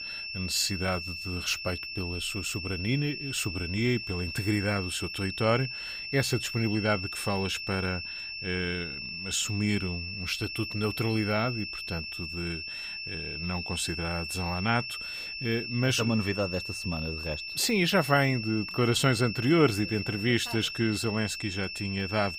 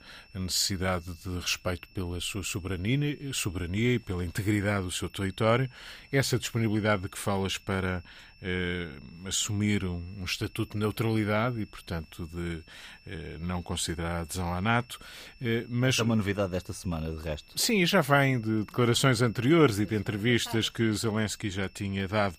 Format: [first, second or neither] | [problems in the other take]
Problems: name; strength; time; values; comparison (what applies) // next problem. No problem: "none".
second | high-pitched whine; loud; throughout; 2.5 kHz, 6 dB below the speech; faint in the second